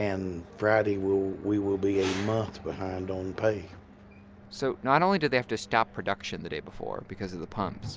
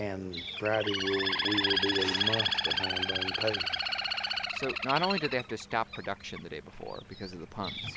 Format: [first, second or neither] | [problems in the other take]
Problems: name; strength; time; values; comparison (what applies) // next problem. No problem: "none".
first | background sound (Bird); 1 dB above the speech